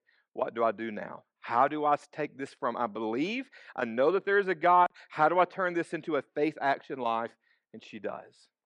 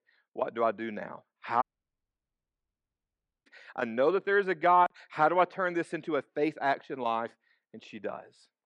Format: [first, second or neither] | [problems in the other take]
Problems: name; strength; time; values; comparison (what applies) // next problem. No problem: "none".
first | audio cutting out; at 1.5 s for 2 s